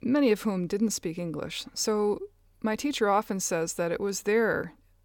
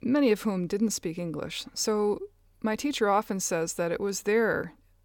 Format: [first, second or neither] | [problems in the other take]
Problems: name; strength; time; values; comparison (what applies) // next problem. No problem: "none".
neither | none